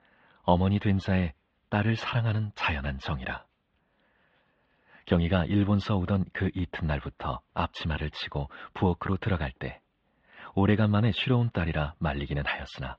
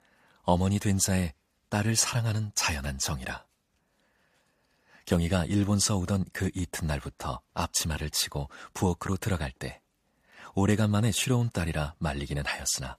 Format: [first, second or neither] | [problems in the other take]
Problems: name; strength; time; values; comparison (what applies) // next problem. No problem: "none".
second | muffled; very; fading above 3.5 kHz